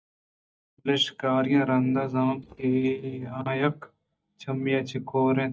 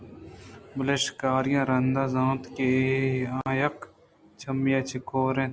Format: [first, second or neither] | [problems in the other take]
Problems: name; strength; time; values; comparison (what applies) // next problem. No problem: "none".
second | noise reduction (neural mask model DeepFilterNet 3)